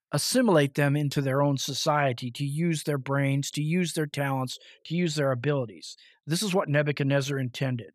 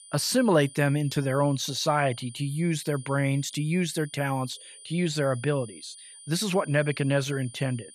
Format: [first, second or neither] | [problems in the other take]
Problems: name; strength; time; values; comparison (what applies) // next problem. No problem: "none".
first | high-pitched whine; noticeable; throughout; 9.5 kHz, 20 dB below the speech